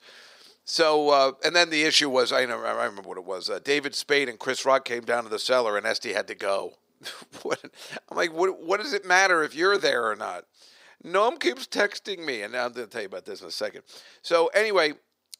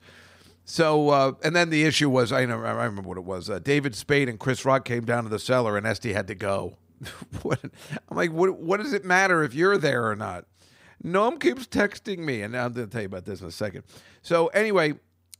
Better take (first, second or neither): second